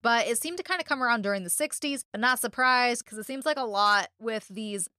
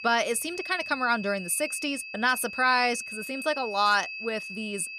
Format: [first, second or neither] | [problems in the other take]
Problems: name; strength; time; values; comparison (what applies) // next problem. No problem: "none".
first | high-pitched whine; loud; throughout; 2.5 kHz, 9 dB below the speech